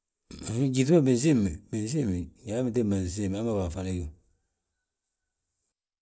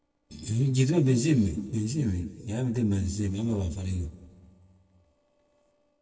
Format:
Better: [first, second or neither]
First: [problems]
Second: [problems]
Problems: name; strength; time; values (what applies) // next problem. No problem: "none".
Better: first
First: none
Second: noise reduction (neural separator model SepFormer DNS4)